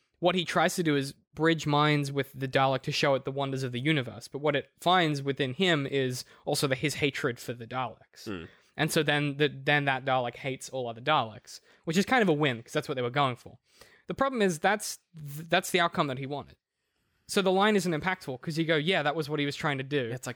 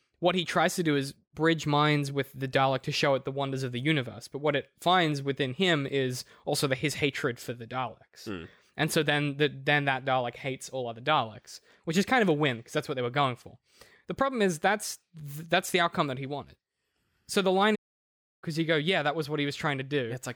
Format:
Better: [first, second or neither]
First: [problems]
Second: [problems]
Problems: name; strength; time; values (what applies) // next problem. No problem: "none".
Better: first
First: none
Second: audio cutting out; at 18 s for 0.5 s